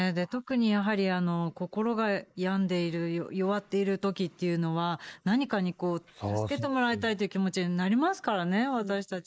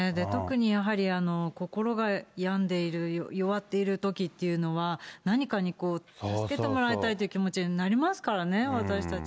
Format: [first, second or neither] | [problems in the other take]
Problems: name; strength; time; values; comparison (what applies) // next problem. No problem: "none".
second | noise reduction (neural mask model Resemble Enhance denoiser)